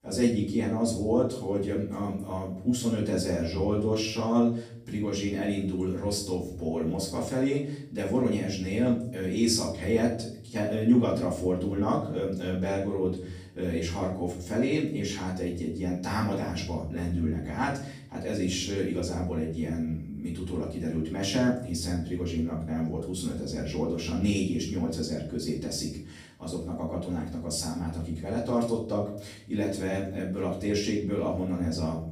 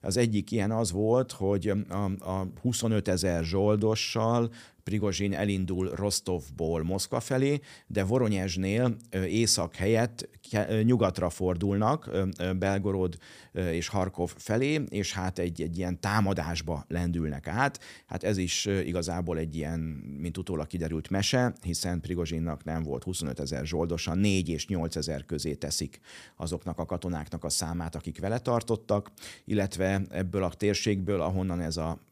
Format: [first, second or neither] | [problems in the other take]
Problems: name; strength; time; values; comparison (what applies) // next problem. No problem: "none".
second | room echo; noticeable; dies away in 0.6 s // off-mic speech; far